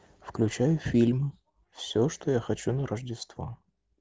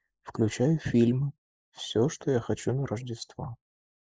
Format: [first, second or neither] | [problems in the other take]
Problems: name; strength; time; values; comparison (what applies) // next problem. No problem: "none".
first | noise reduction (neural mask model Resemble Enhance denoiser)